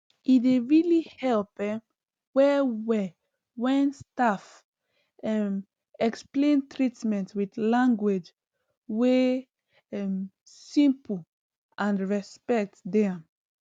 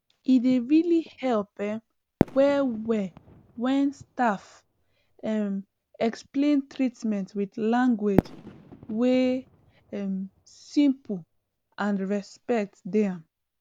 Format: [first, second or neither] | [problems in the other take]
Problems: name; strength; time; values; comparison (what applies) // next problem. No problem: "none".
first | background sound (Fireworks); 11 dB below the speech